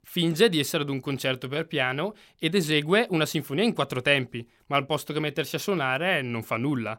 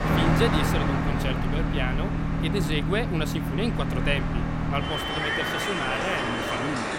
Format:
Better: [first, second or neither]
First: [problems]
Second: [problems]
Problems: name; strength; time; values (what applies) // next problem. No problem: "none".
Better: first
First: none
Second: train or aircraft noise; very loud; throughout; 4 dB above the speech